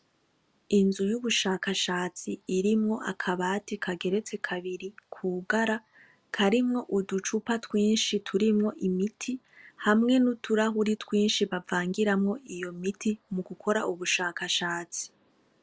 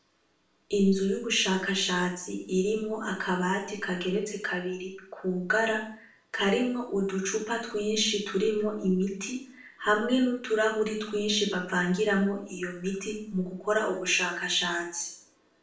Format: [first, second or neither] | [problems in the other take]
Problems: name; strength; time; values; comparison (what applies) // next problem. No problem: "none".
first | room echo; dies away in 0.5 s